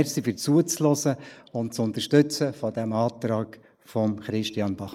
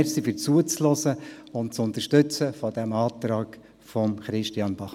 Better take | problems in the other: second | noise reduction (neural mask model Resemble Enhance denoiser)

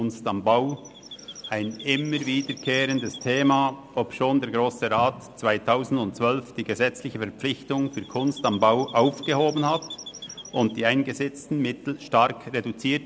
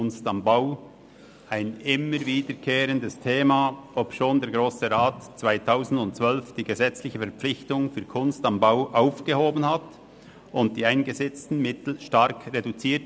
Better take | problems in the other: second | background sound (Chirp, tweet); 17 dB below the speech

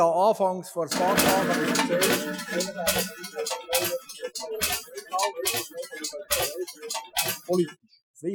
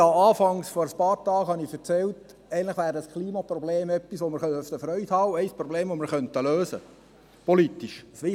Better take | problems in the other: second | noise reduction (classical method Wiener filter)

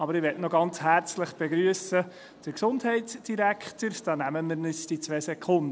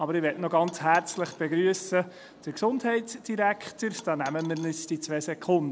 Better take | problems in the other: first | background sound (Coin (dropping)); 20 dB below the speech

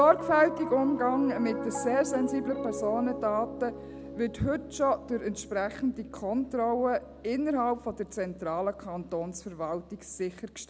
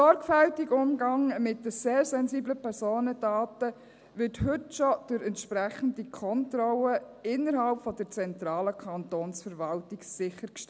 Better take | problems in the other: second | background sound (Piano); 10 dB below the speech

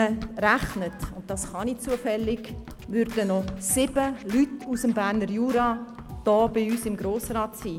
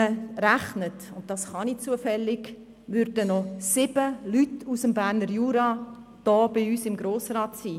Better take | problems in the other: second | background sound (Run + Scratching (performance technique)); 14 dB below the speech

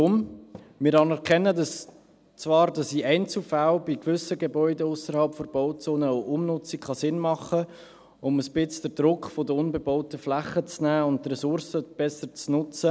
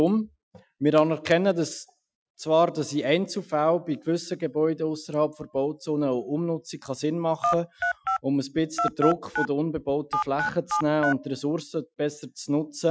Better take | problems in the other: first | noise reduction (classical method Wiener filter)

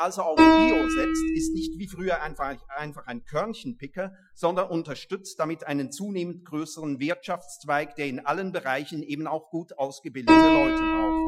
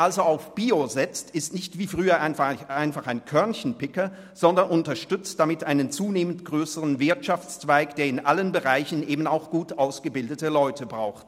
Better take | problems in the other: second | noise reduction (classical method Wiener filter)

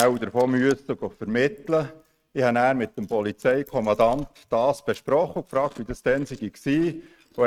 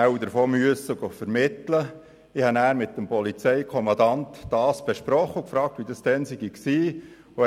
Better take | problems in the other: second | noise reduction (neural mask model RNNoise)

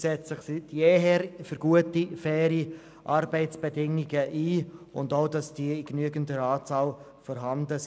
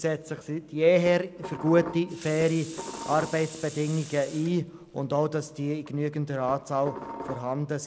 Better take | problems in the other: first | background sound (Dishes, pots, and pans + Sink (filling or washing) / Water tap, faucet); 13 dB below the speech

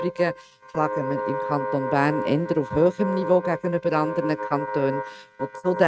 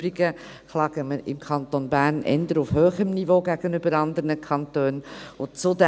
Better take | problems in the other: second | noise reduction (neural mask model RNNoise)

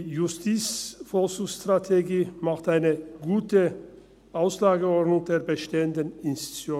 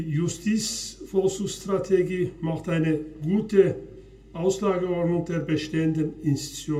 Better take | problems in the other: first | room echo; dies away in 0.2 s

